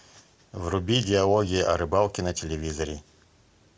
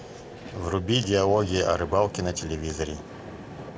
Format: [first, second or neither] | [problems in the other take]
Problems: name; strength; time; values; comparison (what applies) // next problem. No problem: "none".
first | background sound (Vehicle); 13 dB below the speech